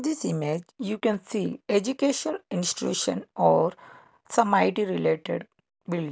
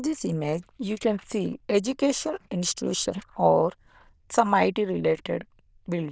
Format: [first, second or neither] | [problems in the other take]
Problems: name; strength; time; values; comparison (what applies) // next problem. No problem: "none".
first | noise reduction (neural diffusion model UNIVERSE++)